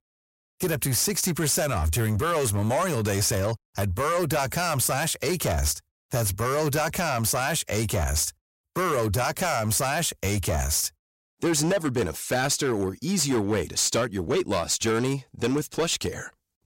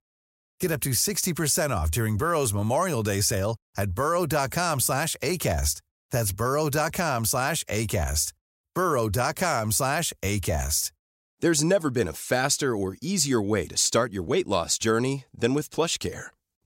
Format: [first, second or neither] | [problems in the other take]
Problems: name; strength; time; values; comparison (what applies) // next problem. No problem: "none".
second | distortion; slight; 12% of the sound clipped